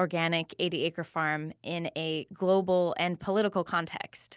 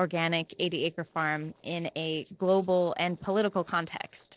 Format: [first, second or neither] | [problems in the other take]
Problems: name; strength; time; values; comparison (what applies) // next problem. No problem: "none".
first | noise reduction (neural separator model SepFormer DNS4)